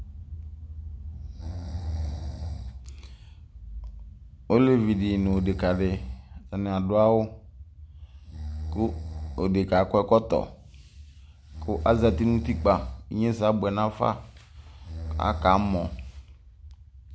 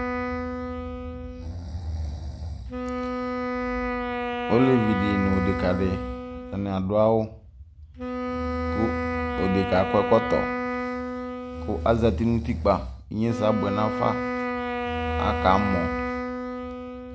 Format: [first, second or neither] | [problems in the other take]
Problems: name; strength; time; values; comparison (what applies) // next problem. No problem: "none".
first | background sound (Wind instrument, woodwind instrument); 4 dB below the speech